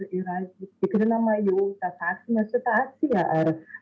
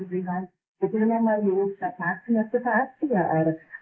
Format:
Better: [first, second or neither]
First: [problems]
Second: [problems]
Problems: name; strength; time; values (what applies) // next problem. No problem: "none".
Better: first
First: none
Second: noise reduction (neural mask model Resemble Enhance denoiser)